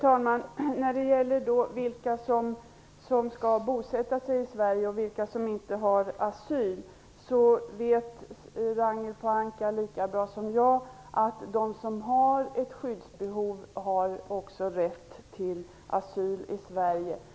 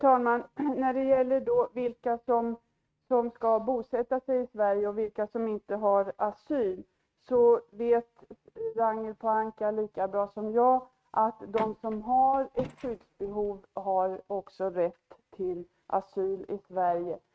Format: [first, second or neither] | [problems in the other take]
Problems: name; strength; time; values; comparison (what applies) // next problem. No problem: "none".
first | noise reduction (neural mask model RNNoise)